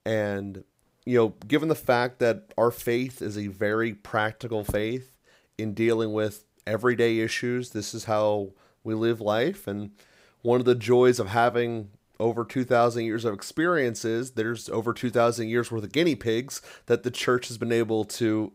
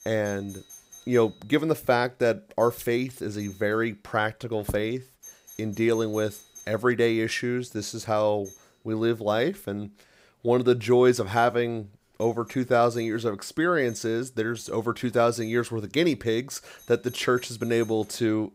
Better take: first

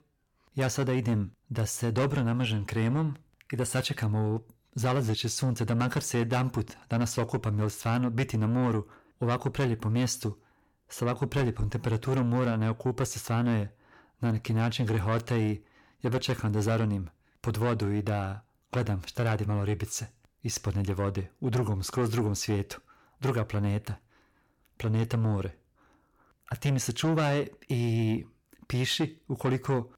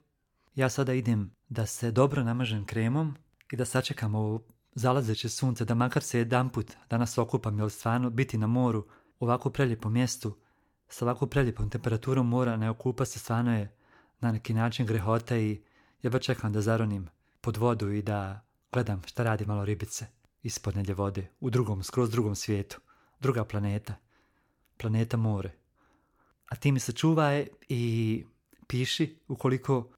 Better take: second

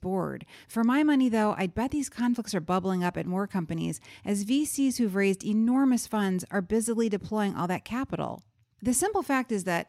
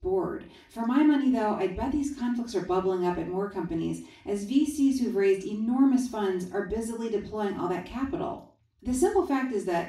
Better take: first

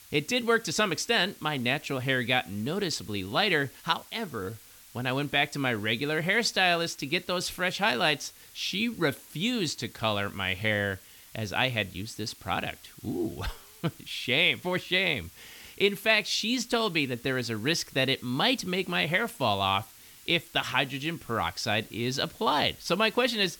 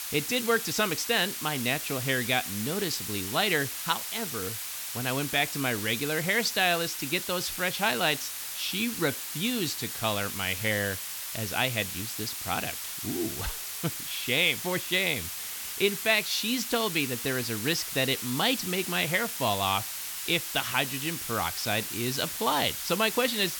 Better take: first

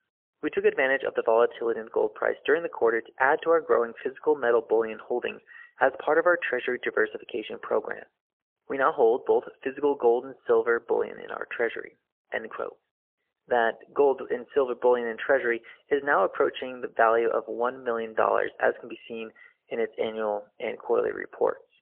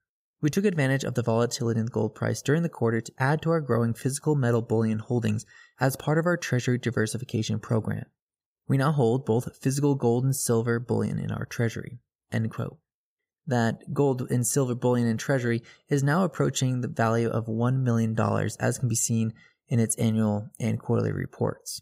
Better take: second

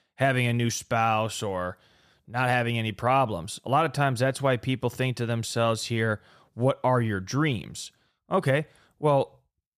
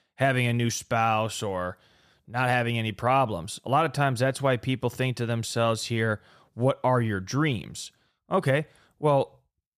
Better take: neither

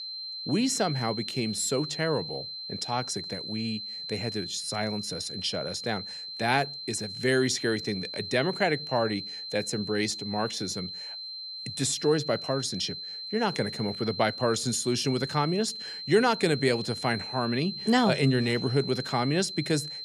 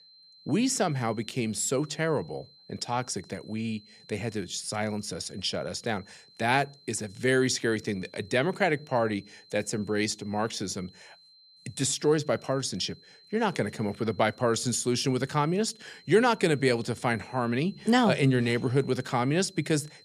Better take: second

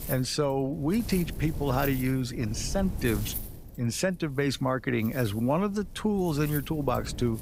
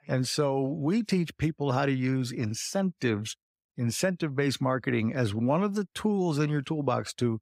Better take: second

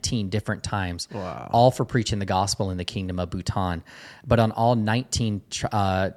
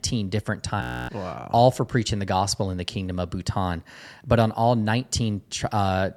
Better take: first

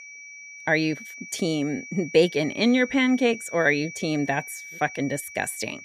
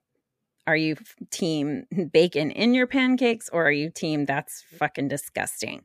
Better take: second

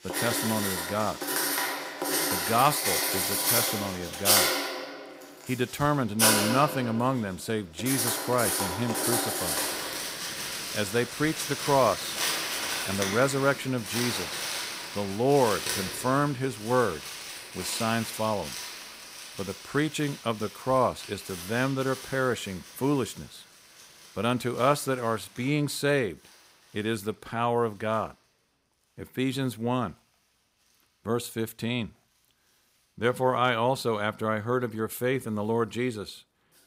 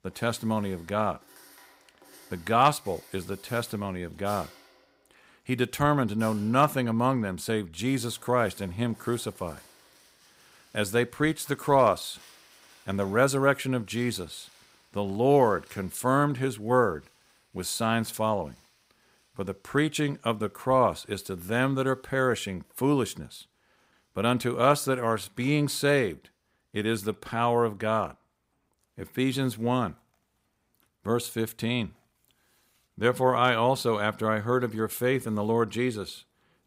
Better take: second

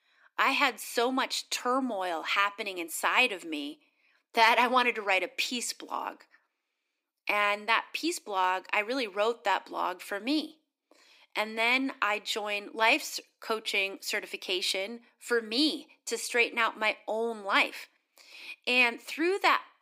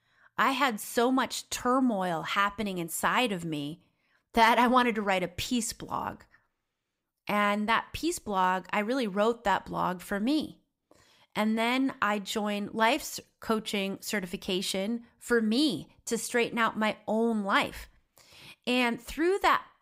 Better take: second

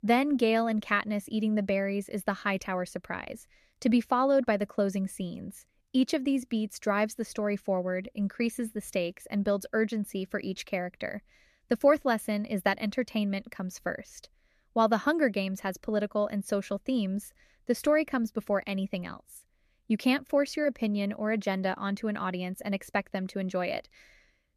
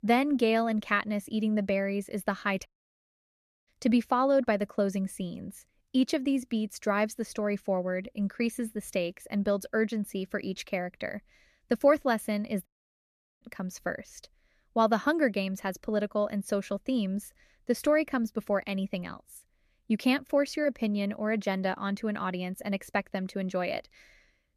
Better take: first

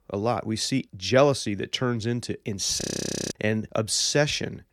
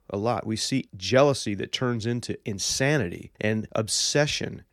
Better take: second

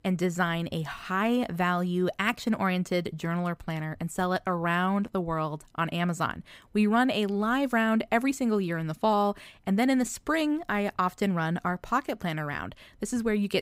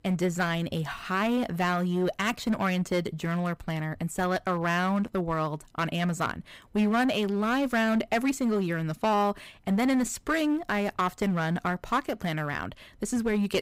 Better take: first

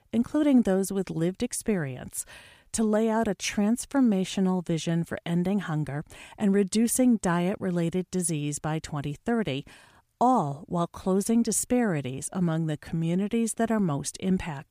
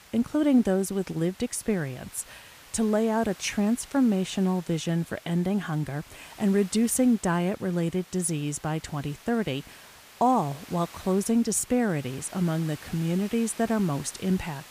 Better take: first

